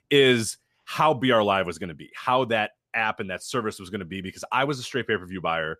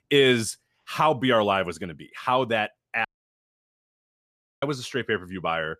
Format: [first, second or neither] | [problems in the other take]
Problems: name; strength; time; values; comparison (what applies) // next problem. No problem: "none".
first | audio cutting out; at 3 s for 1.5 s